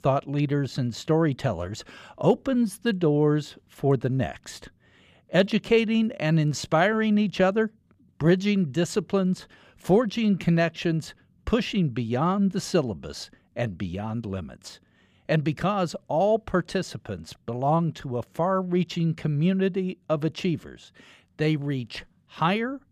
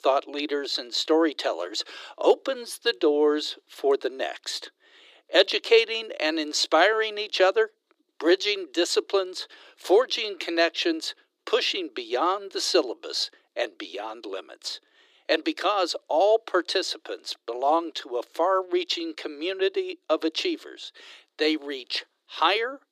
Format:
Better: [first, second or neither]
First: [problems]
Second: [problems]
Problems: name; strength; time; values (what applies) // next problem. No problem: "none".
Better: first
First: none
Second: thin; very; fading below 300 Hz